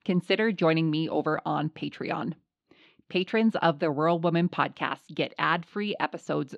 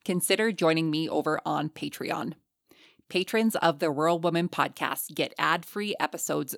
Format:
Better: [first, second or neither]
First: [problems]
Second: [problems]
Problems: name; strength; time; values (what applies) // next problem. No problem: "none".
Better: second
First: muffled; slightly; fading above 3.5 kHz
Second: none